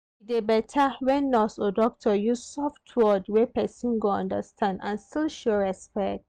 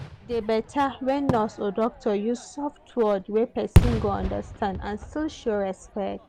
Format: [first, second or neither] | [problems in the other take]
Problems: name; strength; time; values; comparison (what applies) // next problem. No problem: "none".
first | background sound (Fireworks); 2 dB below the speech